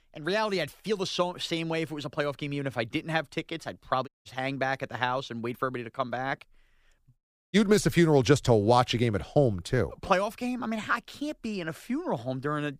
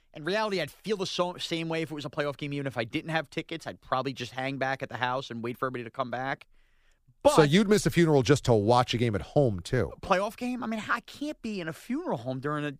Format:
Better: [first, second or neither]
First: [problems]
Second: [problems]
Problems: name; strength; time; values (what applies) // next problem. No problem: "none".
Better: second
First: audio cutting out; at 4 s and at 7 s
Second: none